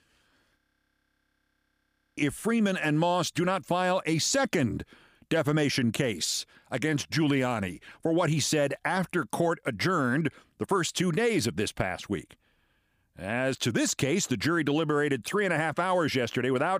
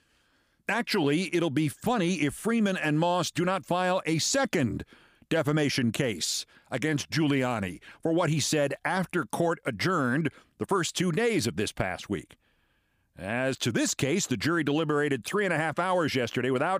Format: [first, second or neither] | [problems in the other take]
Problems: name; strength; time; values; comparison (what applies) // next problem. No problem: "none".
second | audio freezing; at 0.5 s for 1.5 s